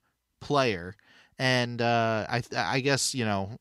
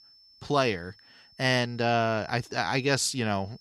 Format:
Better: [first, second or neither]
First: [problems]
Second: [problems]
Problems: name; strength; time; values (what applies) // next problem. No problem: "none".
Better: first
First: none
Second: high-pitched whine; faint; throughout; 5.5 kHz, 25 dB below the speech